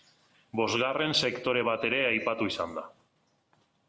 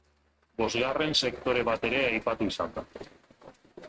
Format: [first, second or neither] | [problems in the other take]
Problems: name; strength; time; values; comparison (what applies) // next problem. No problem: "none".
first | noise reduction (neural mask model RNNoise)